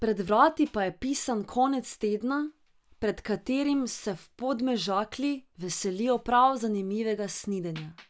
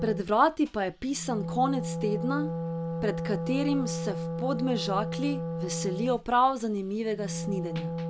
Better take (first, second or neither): first